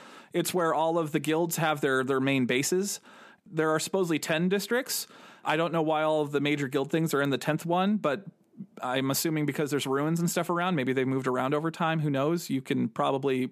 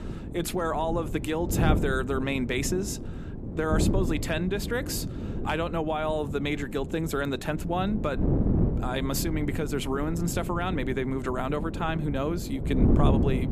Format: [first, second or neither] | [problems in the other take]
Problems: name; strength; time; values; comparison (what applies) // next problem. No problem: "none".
first | wind noise on the microphone; heavy; 8 dB below the speech